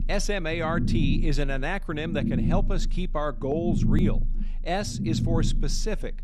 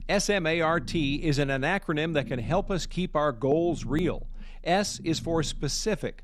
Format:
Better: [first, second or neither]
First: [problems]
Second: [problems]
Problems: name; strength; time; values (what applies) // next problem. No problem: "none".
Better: second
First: low rumble; loud; throughout; 6 dB below the speech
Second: low rumble; faint; throughout; 25 dB below the speech